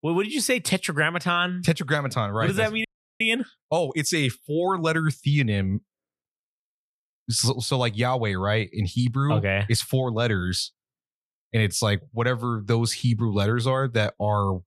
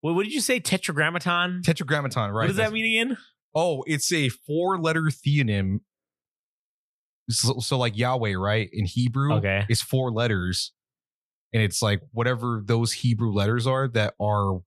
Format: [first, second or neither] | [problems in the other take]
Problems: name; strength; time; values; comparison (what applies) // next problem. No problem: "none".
second | audio freezing; at 3 s